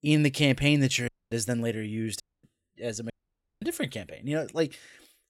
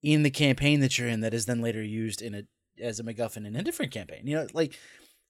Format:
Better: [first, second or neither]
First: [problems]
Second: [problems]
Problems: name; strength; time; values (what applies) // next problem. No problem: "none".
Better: second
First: audio cutting out; at 1 s, at 2 s and at 3 s for 0.5 s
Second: none